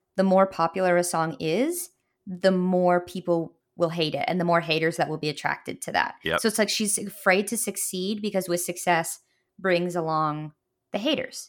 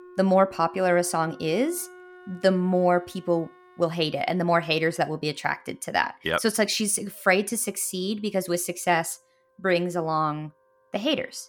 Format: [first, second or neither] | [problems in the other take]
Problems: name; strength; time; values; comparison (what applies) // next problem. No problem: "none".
first | background music; faint; throughout; 25 dB below the speech